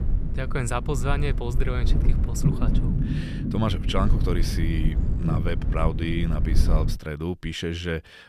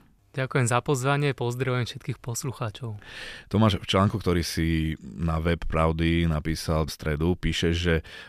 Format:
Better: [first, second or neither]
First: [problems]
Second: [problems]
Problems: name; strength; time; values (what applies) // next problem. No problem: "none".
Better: second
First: low rumble; loud; until 7 s; 6 dB below the speech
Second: none